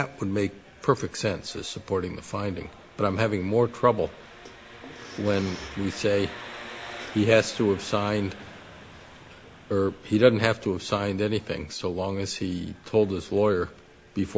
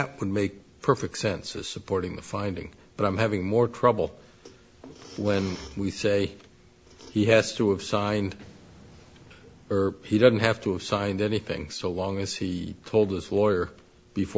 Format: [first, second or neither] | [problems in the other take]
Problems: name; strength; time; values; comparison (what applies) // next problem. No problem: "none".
second | background sound (Engine); 19 dB below the speech